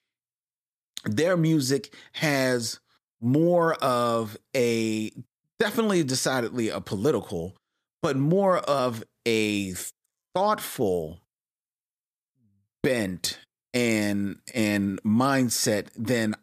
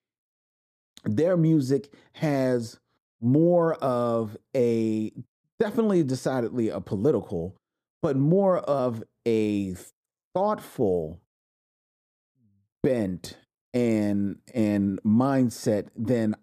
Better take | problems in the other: first | muffled; slightly; fading above 1 kHz

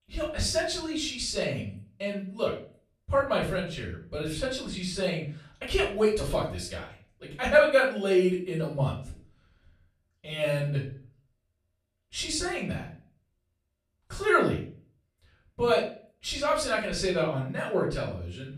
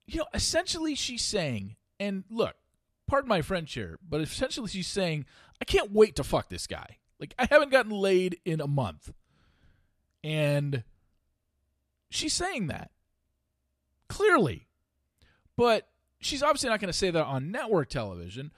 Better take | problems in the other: second | off-mic speech; far // room echo; slight; dies away in 0.4 s

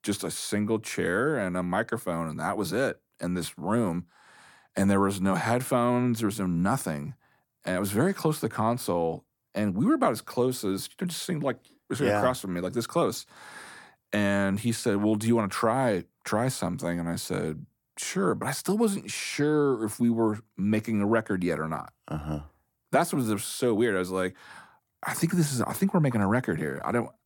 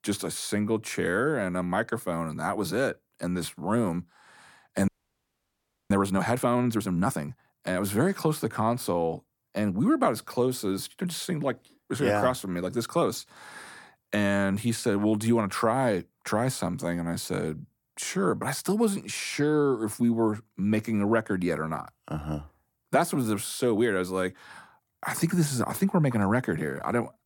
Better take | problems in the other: first | audio freezing; at 5 s for 1 s

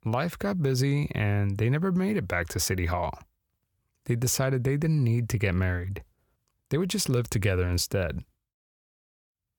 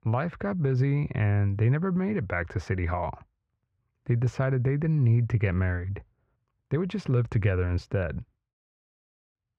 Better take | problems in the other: first | muffled; very; fading above 2 kHz

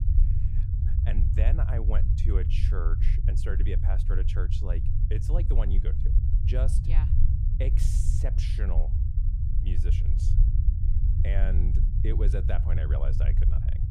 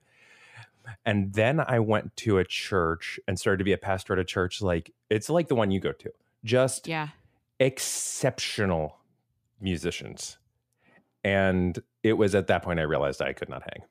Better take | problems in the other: second | low rumble; loud; throughout; 3 dB below the speech

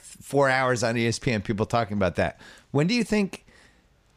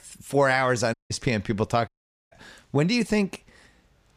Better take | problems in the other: first | audio cutting out; at 1 s and at 2 s

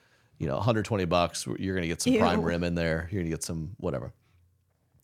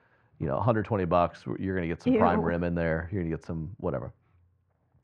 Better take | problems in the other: first | muffled; very; fading above 1.5 kHz

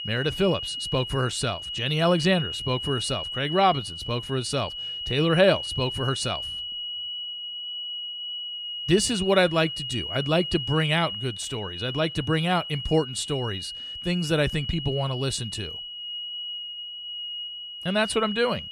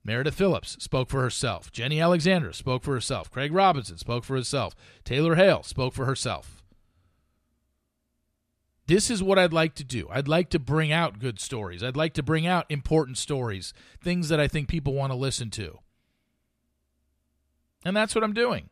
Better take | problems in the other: second | high-pitched whine; loud; throughout; 3 kHz, 6 dB below the speech

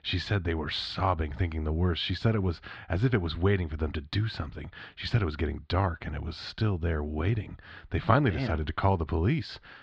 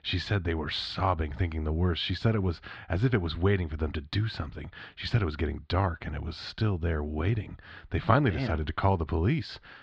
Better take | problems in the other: neither | muffled; slightly; fading above 4 kHz; the same in both

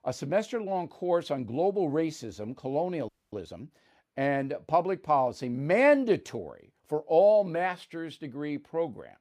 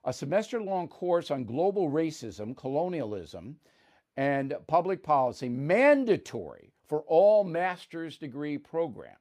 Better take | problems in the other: second | audio freezing; at 3 s

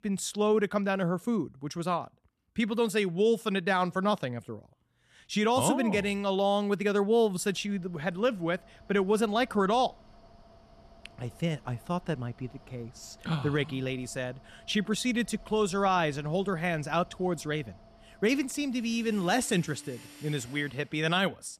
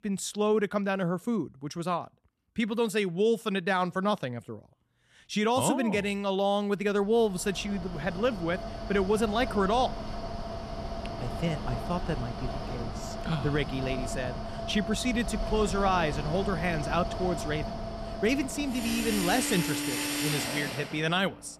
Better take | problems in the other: first | machinery noise; loud; from 7.5 s on; 6 dB below the speech; faint in the first

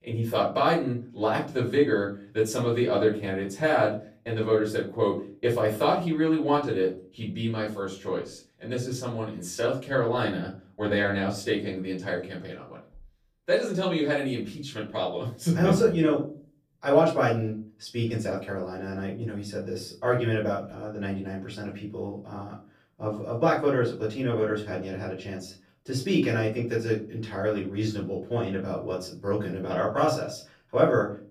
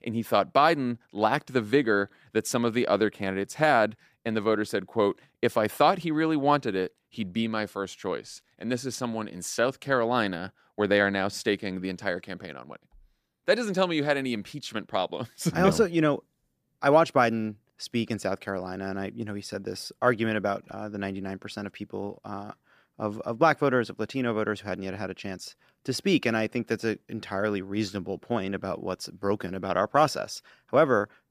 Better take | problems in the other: second | off-mic speech; far // room echo; slight; dies away in 0.3 s

